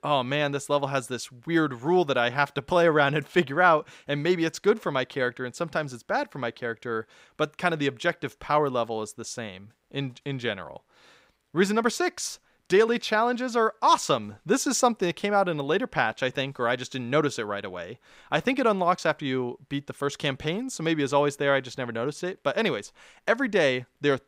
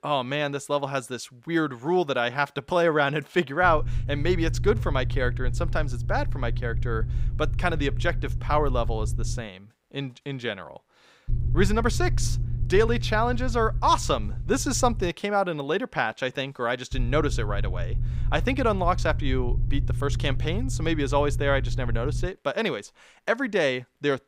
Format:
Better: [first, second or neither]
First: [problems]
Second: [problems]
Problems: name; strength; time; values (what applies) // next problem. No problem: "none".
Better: first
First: none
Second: low rumble; noticeable; from 3.5 to 9.5 s, from 11 to 15 s and from 17 to 22 s; 20 dB below the speech